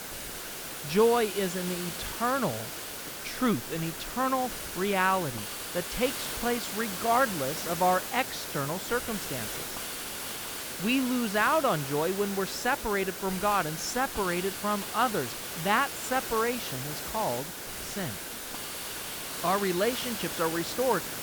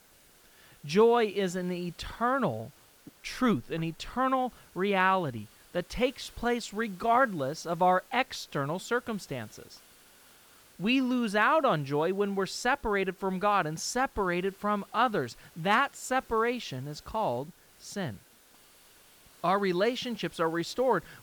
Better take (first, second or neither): second